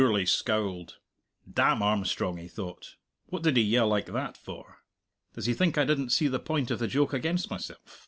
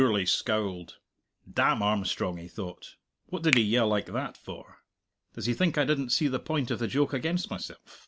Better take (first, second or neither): first